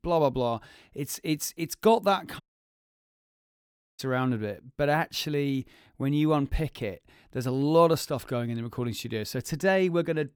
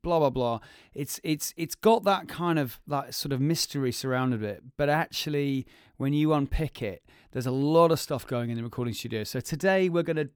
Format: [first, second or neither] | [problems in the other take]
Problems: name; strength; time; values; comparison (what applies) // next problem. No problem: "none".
second | audio cutting out; at 2.5 s for 1.5 s